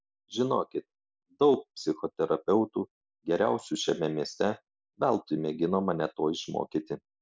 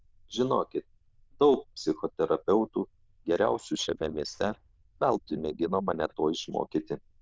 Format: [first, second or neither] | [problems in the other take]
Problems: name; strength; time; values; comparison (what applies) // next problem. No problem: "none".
first | noise reduction (neural diffusion model UNIVERSE++)